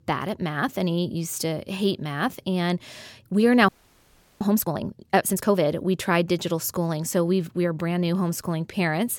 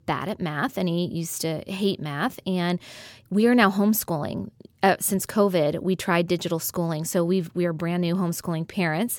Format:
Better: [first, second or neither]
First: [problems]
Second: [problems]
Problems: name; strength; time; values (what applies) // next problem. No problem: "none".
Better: second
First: audio freezing; at 3.5 s for 0.5 s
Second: none